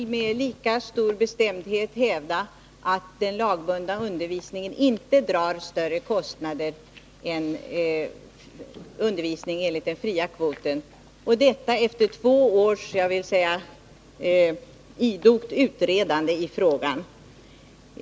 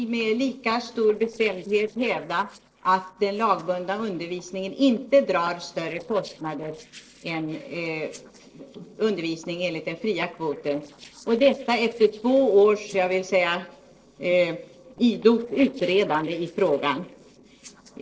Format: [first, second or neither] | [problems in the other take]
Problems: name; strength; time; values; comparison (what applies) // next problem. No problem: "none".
first | noise reduction (neural separator model SepFormer DNS4)